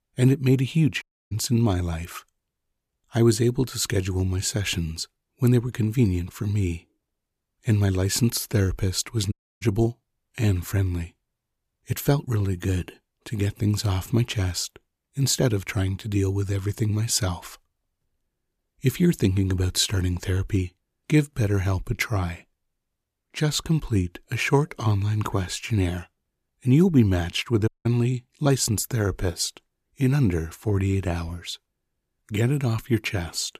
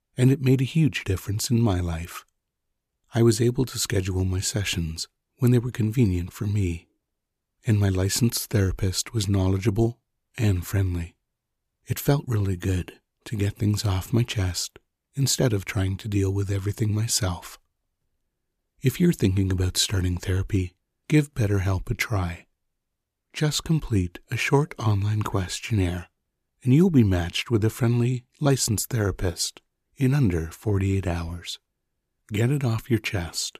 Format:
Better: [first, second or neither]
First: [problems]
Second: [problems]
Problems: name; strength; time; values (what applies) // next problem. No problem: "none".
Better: second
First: audio cutting out; at 1 s, at 9.5 s and at 28 s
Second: none